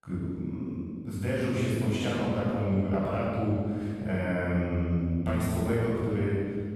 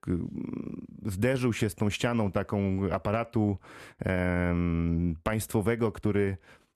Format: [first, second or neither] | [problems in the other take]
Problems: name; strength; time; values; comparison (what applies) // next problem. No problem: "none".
second | room echo; strong; dies away in 1.9 s // off-mic speech; far